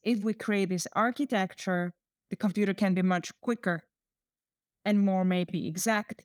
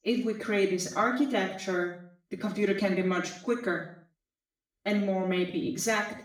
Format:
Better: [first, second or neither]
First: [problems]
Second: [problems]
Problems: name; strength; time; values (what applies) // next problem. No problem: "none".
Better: first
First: none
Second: room echo; noticeable; dies away in 0.5 s // off-mic speech; far